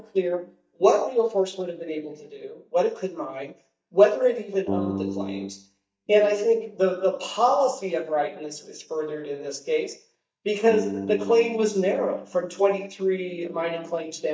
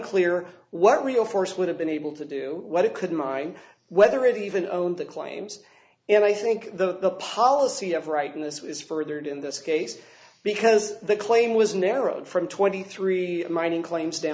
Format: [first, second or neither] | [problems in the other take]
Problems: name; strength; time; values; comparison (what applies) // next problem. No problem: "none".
second | noise reduction (neural mask model DeepFilterNet 3)